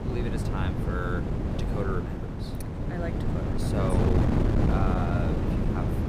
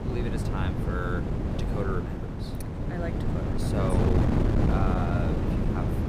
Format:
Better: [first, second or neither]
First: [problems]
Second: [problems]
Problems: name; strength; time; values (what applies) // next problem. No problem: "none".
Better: neither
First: wind noise on the microphone; heavy; 1 dB above the speech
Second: wind noise on the microphone; heavy; 1 dB above the speech